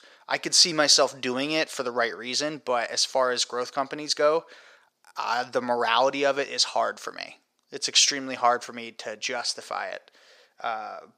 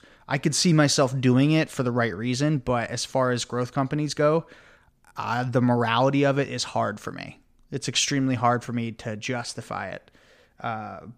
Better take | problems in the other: second | thin; somewhat; fading below 550 Hz

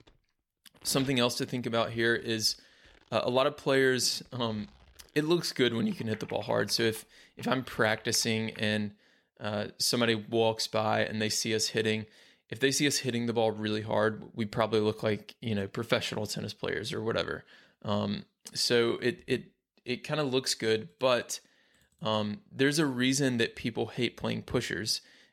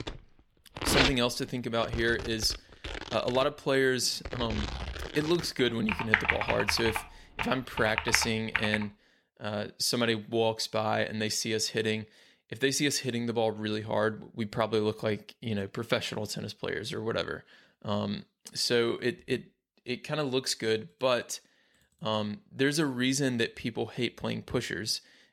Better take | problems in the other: first | household noises; loud; until 8.5 s; 2 dB below the speech; faint in the first

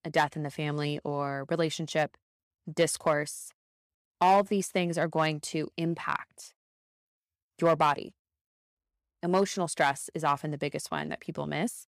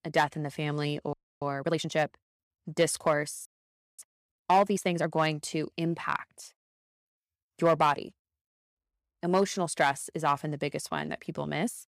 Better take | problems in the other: first | audio freezing; at 1 s and at 3.5 s for 0.5 s

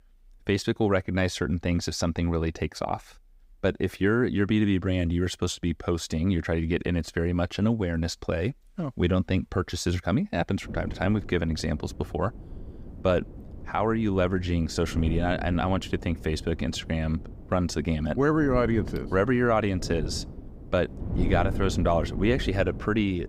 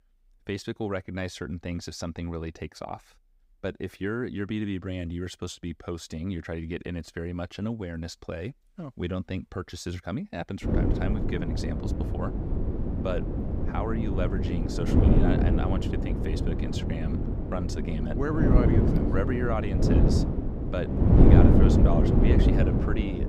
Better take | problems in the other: first | wind noise on the microphone; heavy; from 11 s on; 3 dB above the speech; occasional gusts in the first

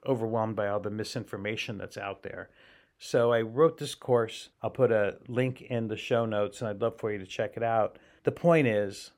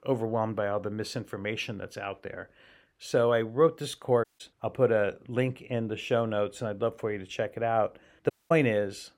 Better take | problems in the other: first | audio cutting out; at 4 s and at 8.5 s

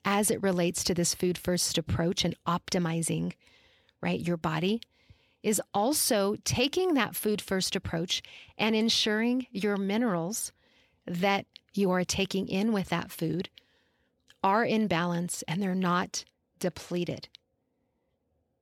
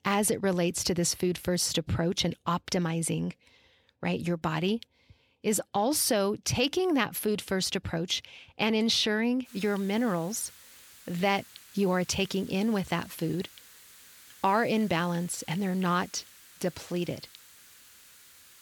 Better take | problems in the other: first | hiss; faint; from 9.5 s on; 20 dB below the speech

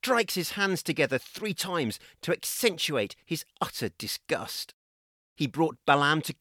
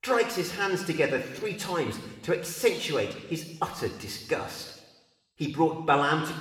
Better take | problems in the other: first | room echo; noticeable; dies away in 1 s // off-mic speech; somewhat distant

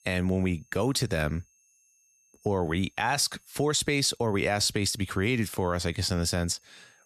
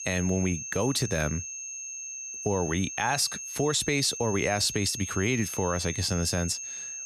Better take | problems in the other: first | high-pitched whine; loud; throughout; 6.5 kHz, 7 dB below the speech; faint in the first

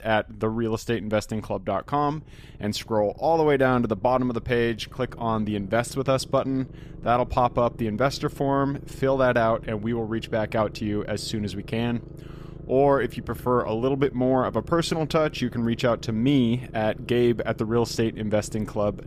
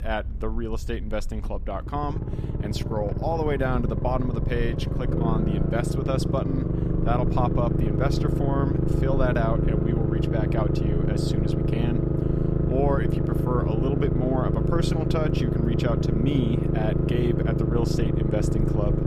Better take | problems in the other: first | low rumble; loud; throughout; 1 dB below the speech; faint in the first

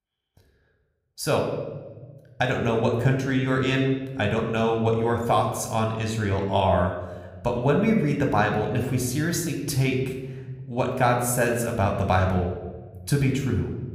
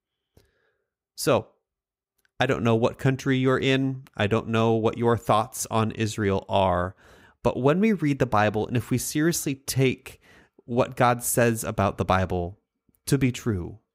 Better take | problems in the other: second | room echo; slight; dies away in 1.2 s

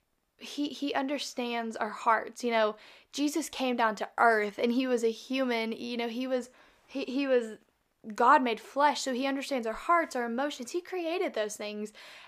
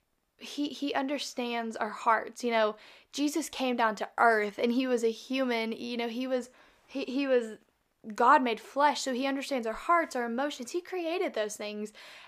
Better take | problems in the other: neither | none

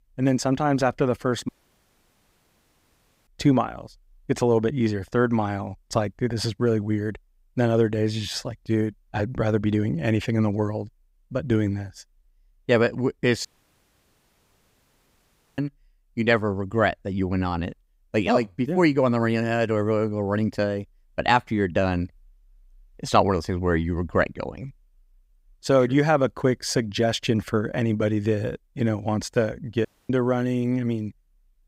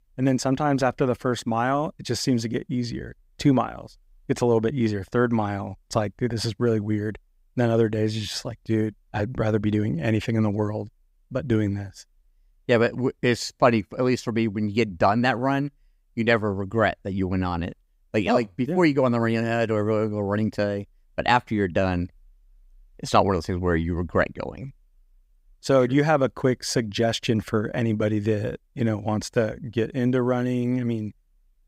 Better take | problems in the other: second | audio cutting out; at 1.5 s for 2 s, at 13 s for 2 s and at 30 s

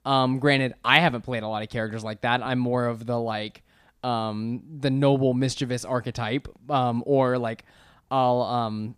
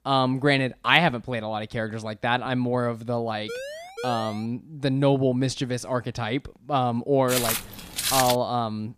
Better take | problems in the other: first | siren; noticeable; at 3.5 s; peak 10 dB below the speech // footsteps; loud; from 7.5 to 8.5 s; peak 2 dB above the speech

